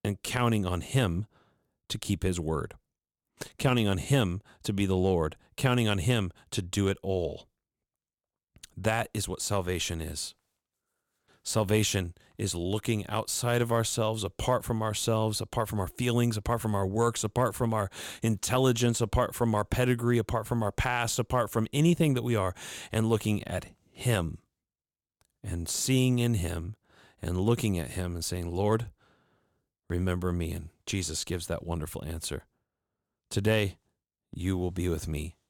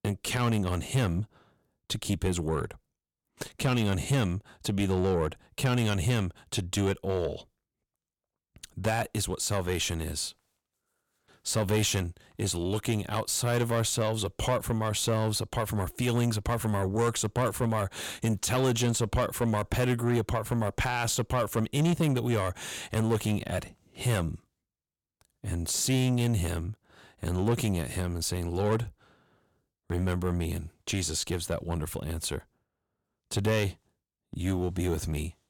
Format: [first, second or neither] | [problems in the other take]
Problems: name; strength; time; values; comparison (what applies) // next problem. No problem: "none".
first | distortion; slight; 10 dB below the speech